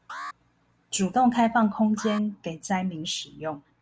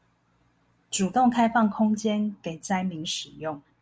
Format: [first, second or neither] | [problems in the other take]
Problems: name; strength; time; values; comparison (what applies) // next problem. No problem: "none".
second | background sound (Alarm); 18 dB below the speech